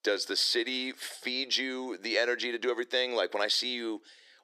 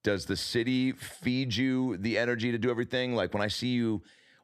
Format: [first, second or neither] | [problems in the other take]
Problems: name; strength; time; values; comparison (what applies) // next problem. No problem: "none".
second | thin; somewhat; fading below 350 Hz